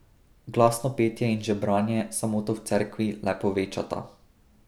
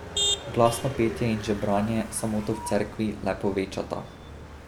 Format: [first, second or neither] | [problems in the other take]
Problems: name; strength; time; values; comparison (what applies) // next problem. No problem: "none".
first | background sound (Motor vehicle (road)); 7 dB below the speech